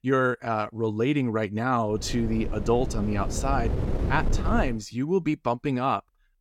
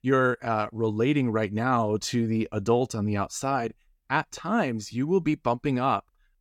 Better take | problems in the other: second | wind noise on the microphone; occasional gusts; from 2 to 4.5 s; 10 dB below the speech

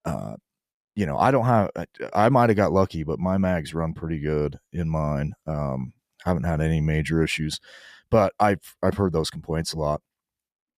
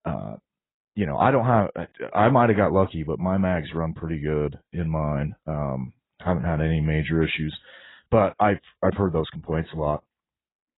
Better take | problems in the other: first | garbled, watery; badly; nothing above 4 kHz

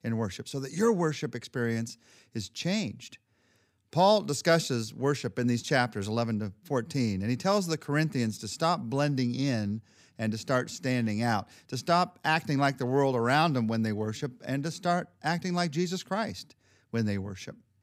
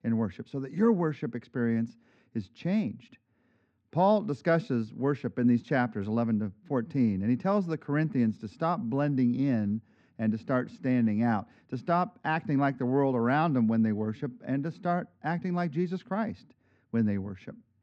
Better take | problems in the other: first | muffled; very; fading above 2 kHz

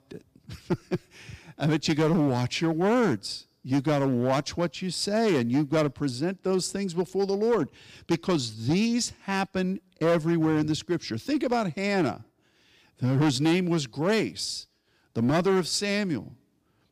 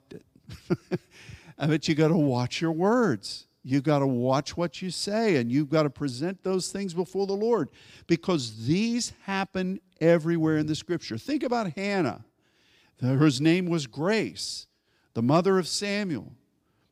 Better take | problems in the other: second | distortion; slight; 6% of the sound clipped

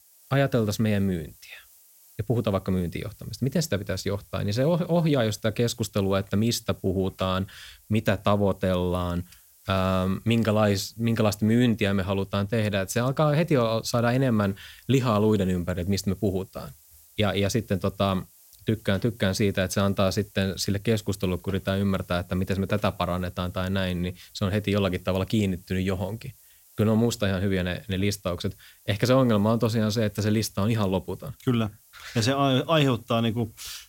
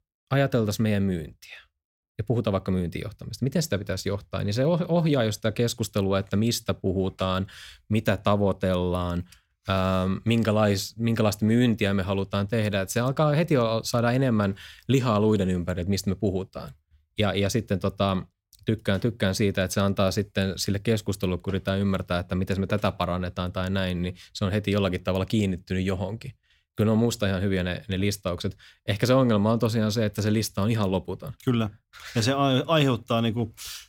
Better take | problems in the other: second | hiss; faint; throughout; 25 dB below the speech

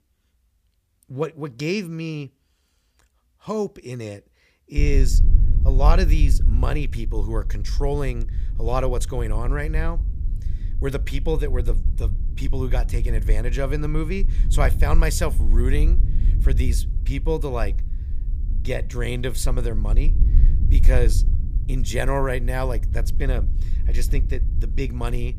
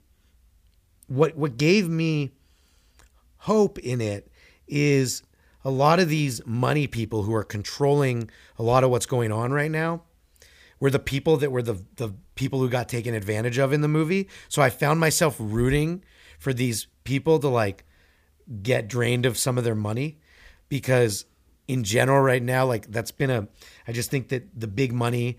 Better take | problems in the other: second | low rumble; noticeable; from 5 s on; 15 dB below the speech

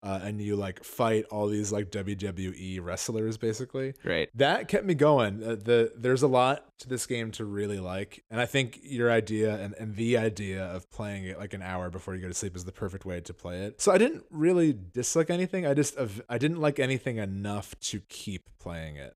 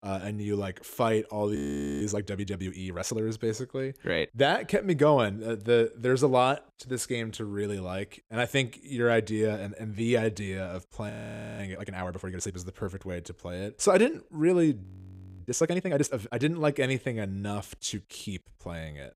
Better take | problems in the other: first | audio freezing; at 1.5 s, at 11 s and at 15 s for 0.5 s

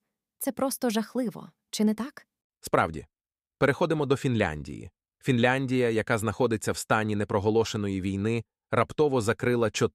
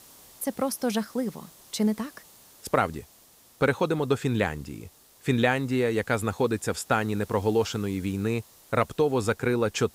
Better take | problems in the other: first | hiss; faint; throughout; 25 dB below the speech

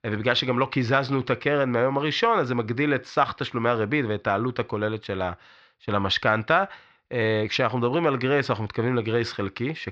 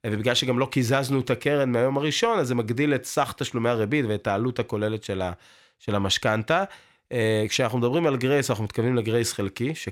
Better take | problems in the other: second | muffled; very slightly; fading above 5 kHz

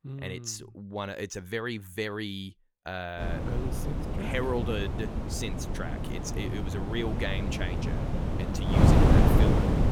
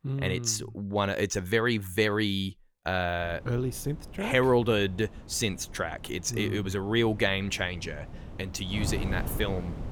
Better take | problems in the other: second | wind noise on the microphone; heavy; from 3 s on; 2 dB above the speech; occasional gusts in the second

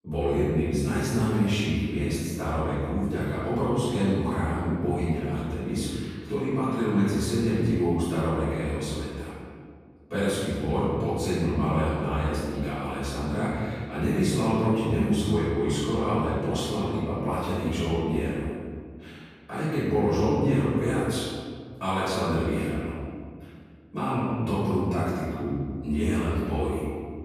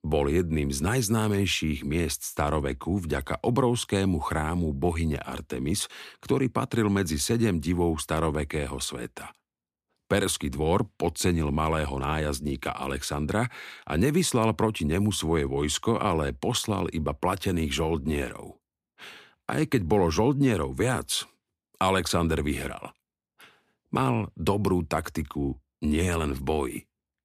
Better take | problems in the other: second | room echo; strong; dies away in 2 s // off-mic speech; far

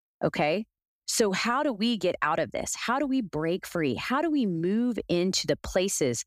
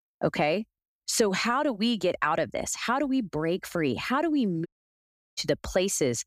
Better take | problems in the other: first | audio cutting out; at 4.5 s for 0.5 s

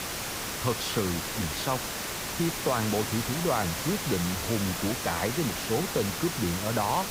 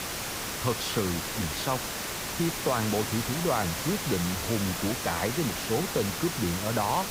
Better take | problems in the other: neither | hiss; loud; throughout; 1 dB below the speech; the same in both

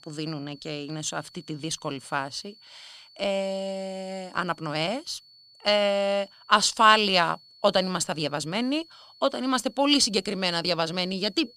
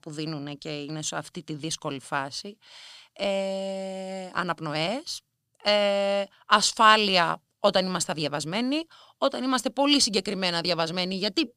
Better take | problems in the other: second | high-pitched whine; faint; throughout; 4.5 kHz, 25 dB below the speech

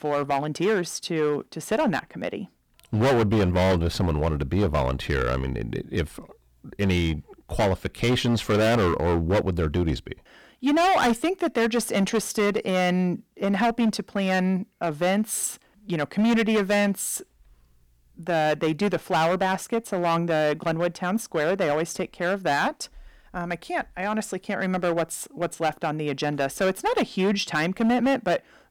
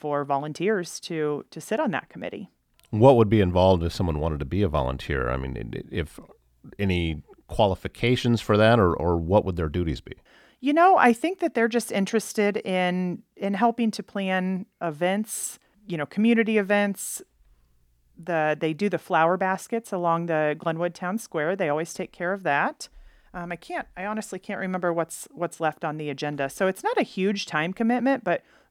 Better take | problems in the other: second | distortion; heavy; 11% of the sound clipped

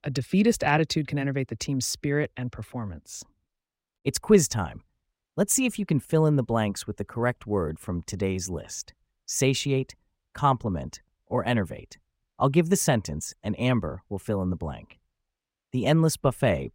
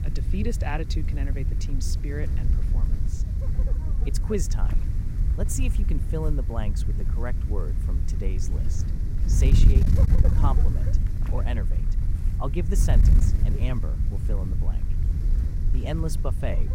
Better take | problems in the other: first | wind noise on the microphone; heavy; 5 dB below the speech

